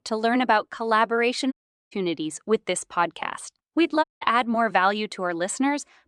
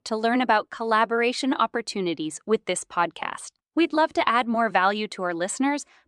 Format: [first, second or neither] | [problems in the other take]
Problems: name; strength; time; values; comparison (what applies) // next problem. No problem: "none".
second | audio cutting out; at 1.5 s and at 4 s